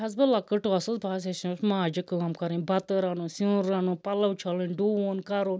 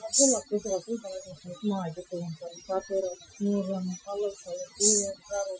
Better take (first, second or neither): first